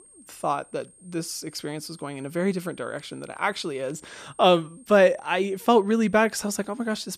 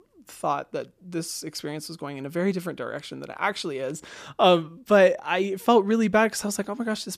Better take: second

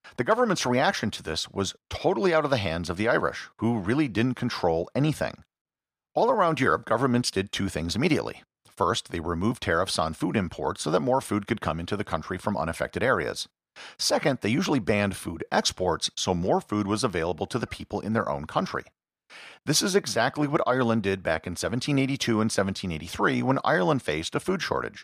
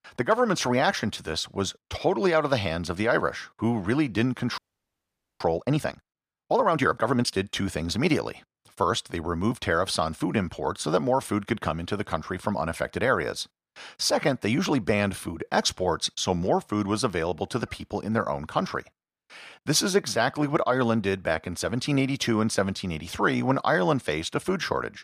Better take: first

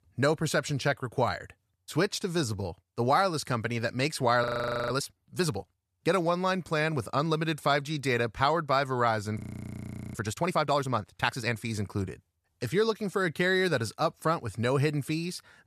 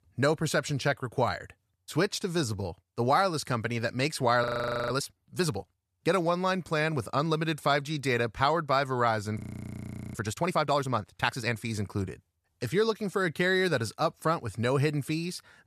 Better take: neither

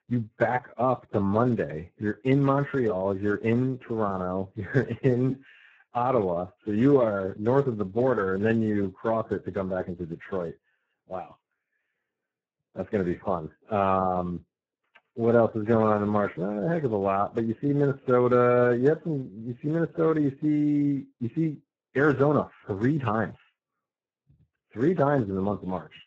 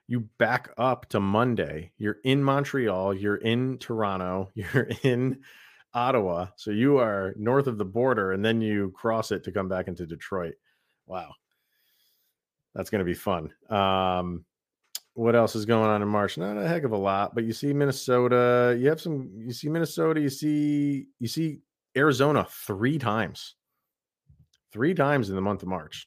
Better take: second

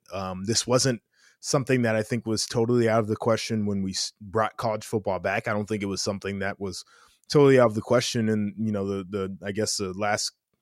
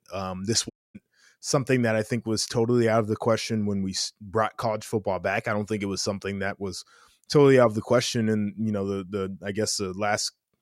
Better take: first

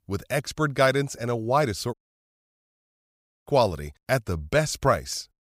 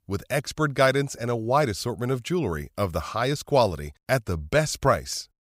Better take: second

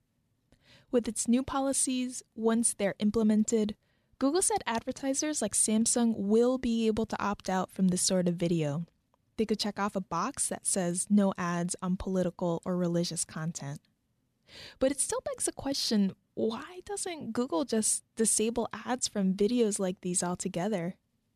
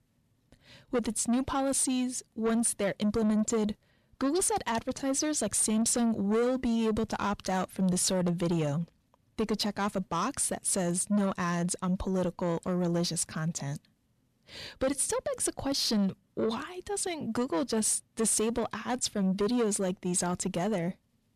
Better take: first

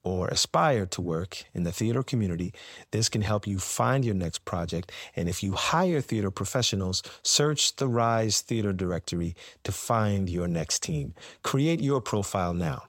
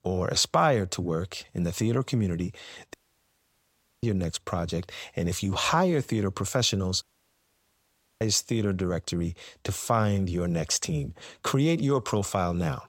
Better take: first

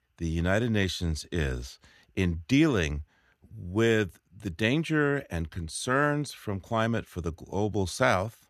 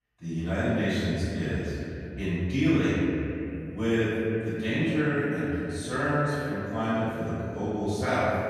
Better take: first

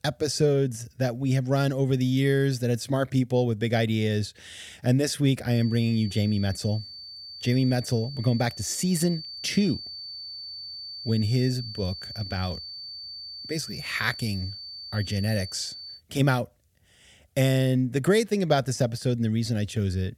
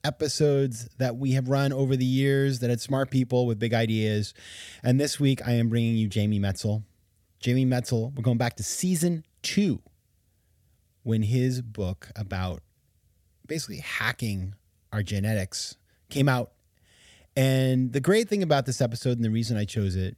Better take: second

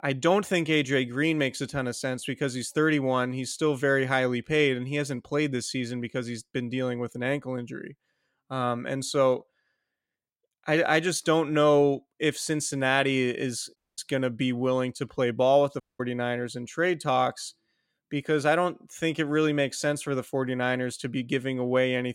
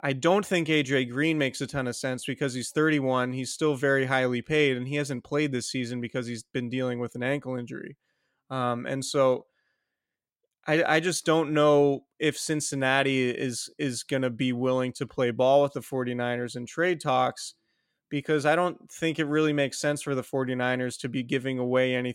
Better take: second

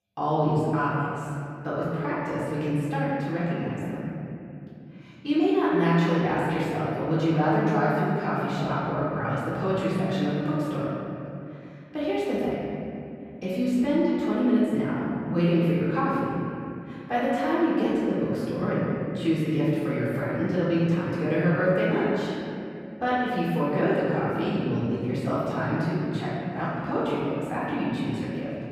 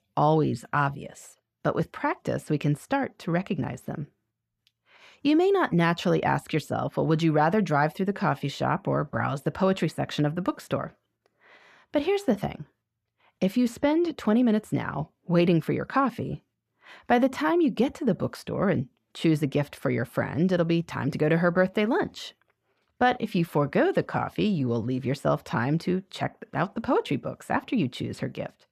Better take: second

